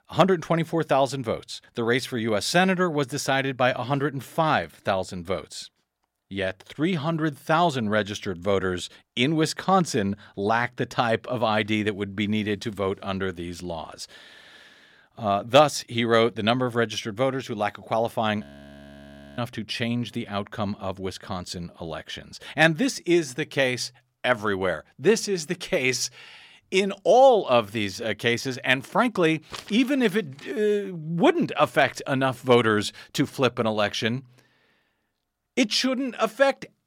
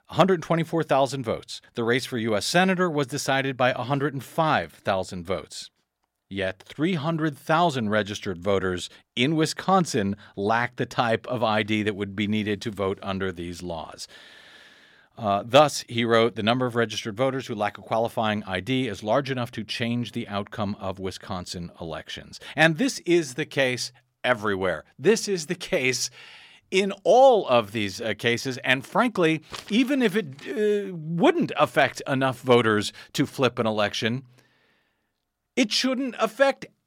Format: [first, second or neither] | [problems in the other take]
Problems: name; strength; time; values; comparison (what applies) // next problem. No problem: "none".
second | audio freezing; at 18 s for 1 s